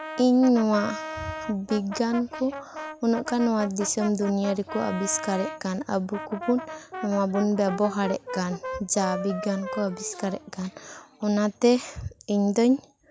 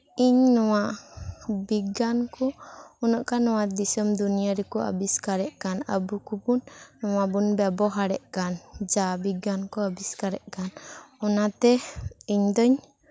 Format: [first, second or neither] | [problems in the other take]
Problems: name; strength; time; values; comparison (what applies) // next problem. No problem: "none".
second | background sound (Brass instrument); 12 dB below the speech